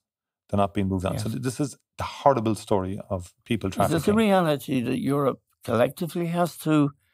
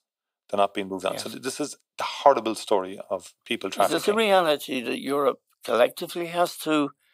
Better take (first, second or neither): first